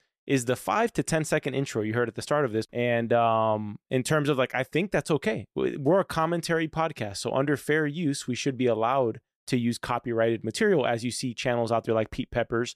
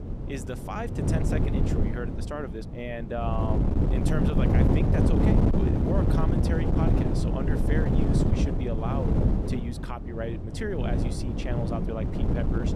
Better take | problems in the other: first | wind noise on the microphone; heavy; 3 dB above the speech

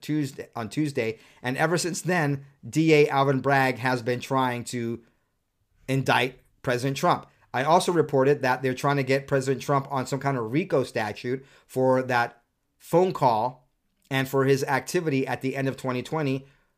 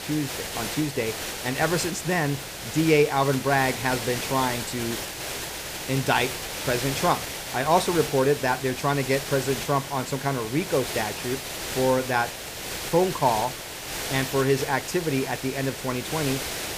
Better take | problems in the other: first | hiss; loud; throughout; 6 dB below the speech

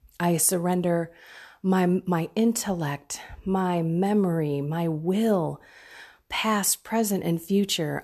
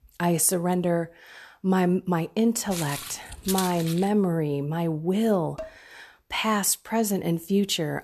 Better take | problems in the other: first | footsteps; noticeable; from 2.5 to 4 s; peak 5 dB below the speech // clattering dishes; faint; at 5.5 s; peak 15 dB below the speech

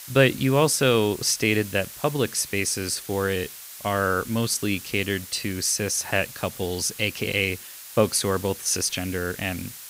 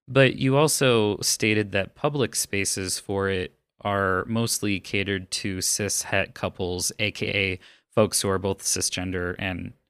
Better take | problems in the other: second | hiss; noticeable; throughout; 15 dB below the speech

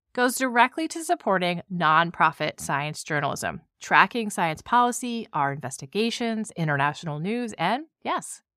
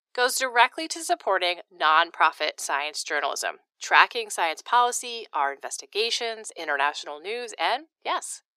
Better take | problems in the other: first | thin; very; fading below 350 Hz

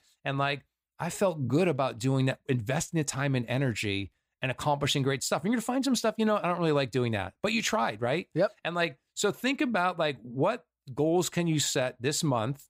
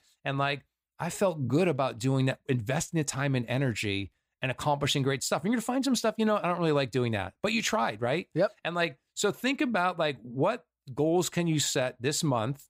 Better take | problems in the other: neither | none

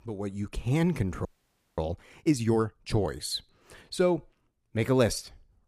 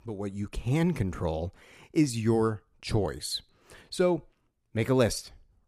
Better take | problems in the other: second | audio freezing; at 1.5 s for 0.5 s

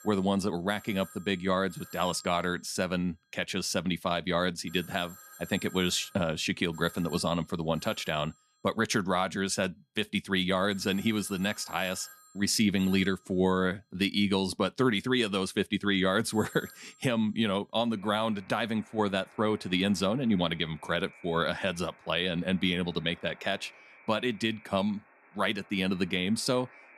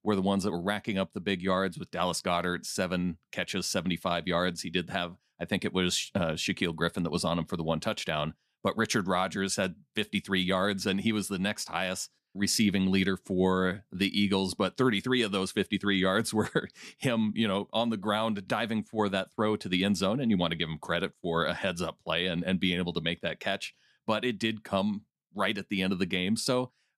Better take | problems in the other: second | alarms or sirens; faint; throughout; 20 dB below the speech

